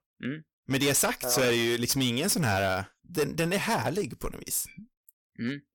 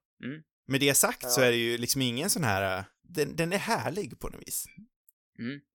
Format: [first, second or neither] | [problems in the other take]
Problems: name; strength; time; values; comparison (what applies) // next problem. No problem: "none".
second | distortion; heavy; 9% of the sound clipped